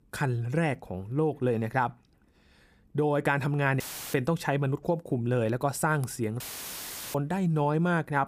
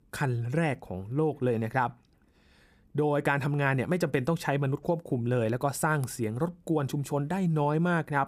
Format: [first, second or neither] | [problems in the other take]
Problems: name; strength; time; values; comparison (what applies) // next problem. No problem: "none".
second | audio cutting out; filled with static; at 4 s and at 6.5 s for 0.5 s